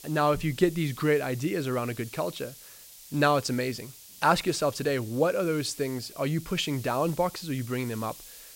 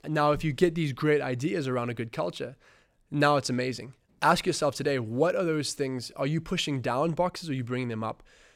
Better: second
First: hiss; noticeable; throughout; 15 dB below the speech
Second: none

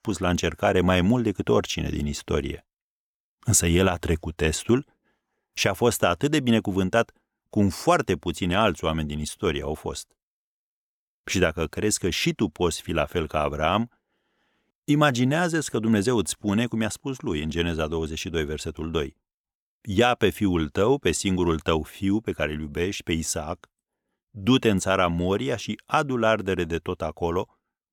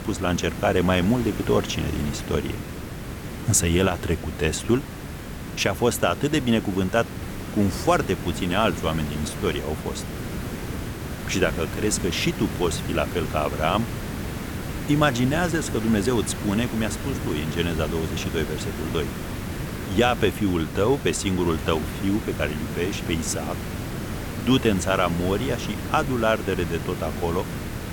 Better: first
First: none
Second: hiss; loud; throughout; 7 dB below the speech

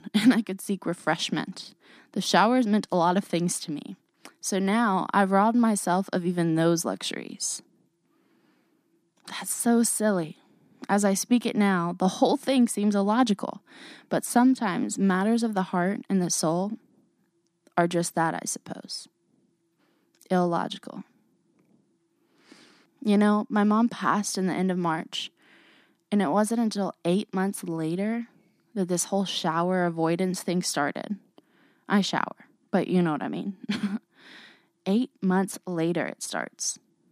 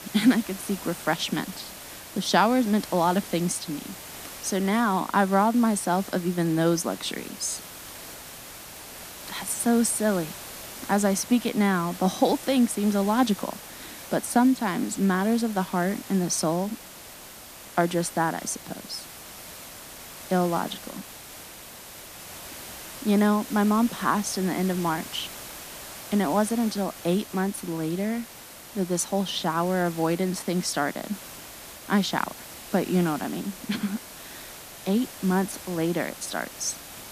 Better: first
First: none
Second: hiss; noticeable; throughout; 15 dB below the speech

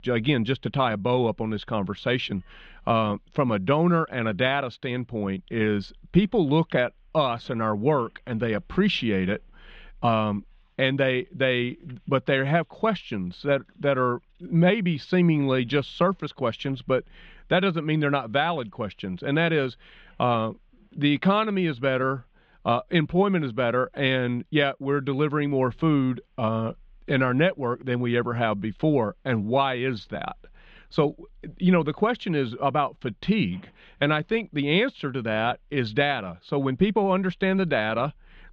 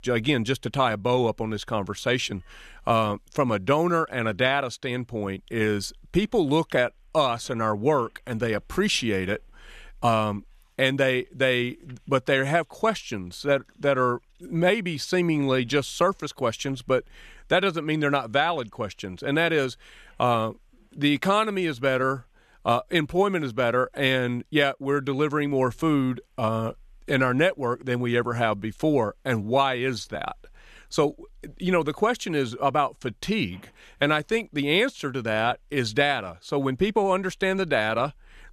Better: second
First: muffled; slightly; fading above 3.5 kHz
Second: none

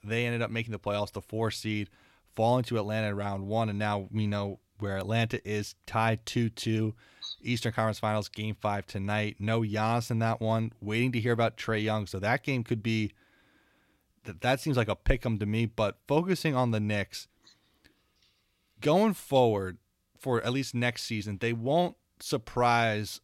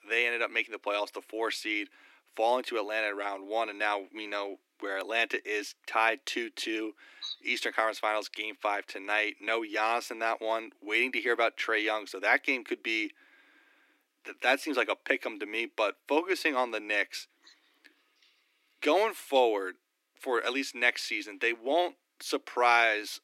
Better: first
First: none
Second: thin; very; fading below 300 Hz

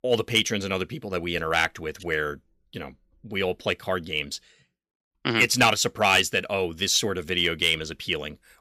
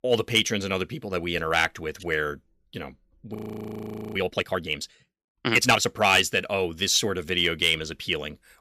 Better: first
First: none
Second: audio freezing; at 3.5 s for 1 s

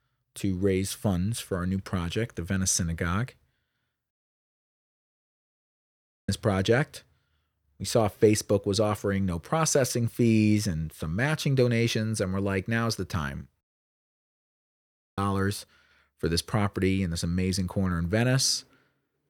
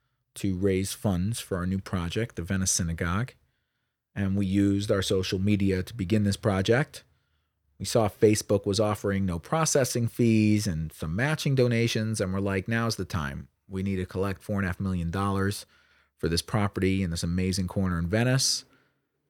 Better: second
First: audio cutting out; at 4 s for 2 s and at 14 s for 1.5 s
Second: none

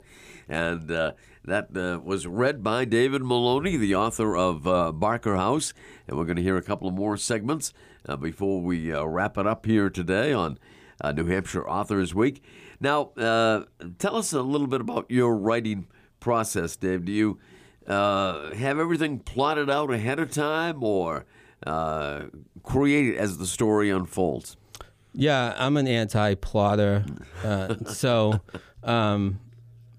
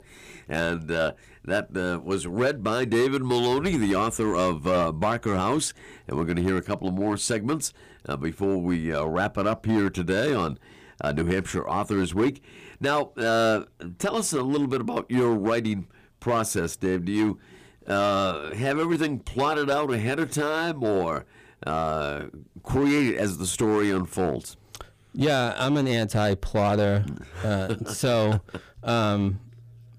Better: first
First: none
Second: distortion; slight; 6% of the sound clipped

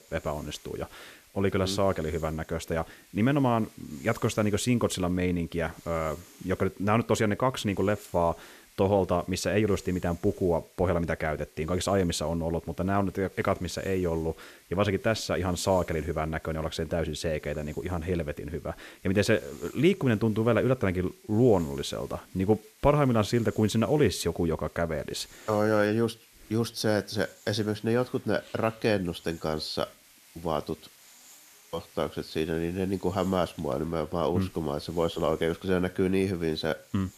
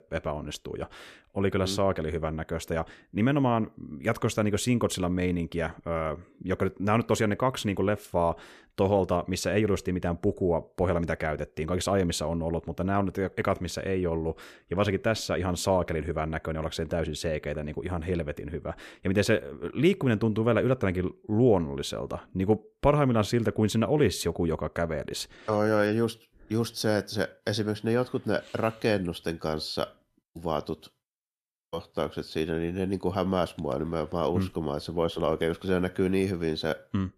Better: second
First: hiss; faint; throughout; 25 dB below the speech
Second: none

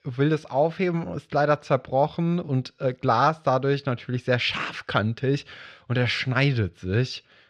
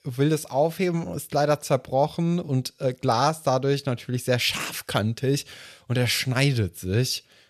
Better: second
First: muffled; slightly; fading above 4 kHz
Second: none

